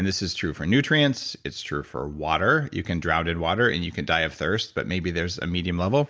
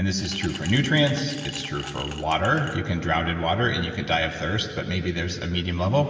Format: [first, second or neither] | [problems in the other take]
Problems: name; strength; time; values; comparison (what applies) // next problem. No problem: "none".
first | background sound (Glass); 14 dB below the speech // room echo; dies away in 2.9 s